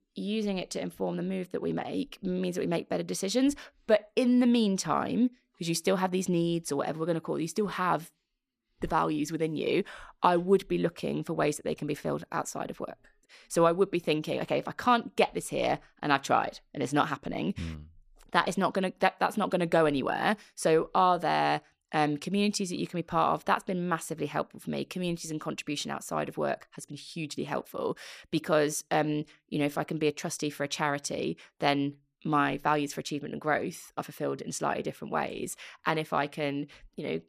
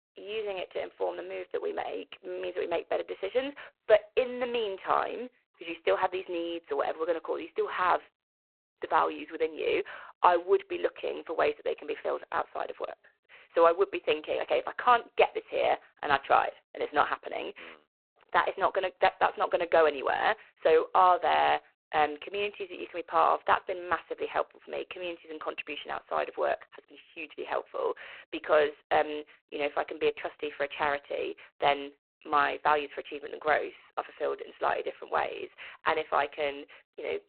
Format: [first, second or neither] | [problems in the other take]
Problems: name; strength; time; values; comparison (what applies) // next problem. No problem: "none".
first | phone-call audio; poor line